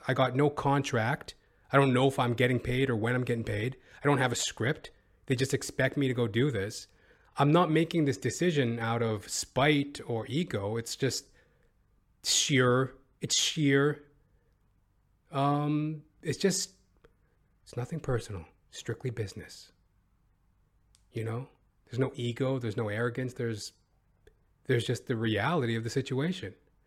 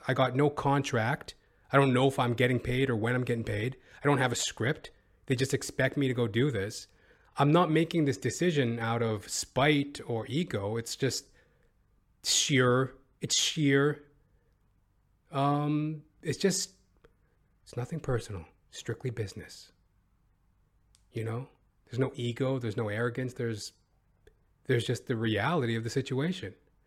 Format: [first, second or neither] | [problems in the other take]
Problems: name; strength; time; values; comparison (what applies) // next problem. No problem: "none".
neither | none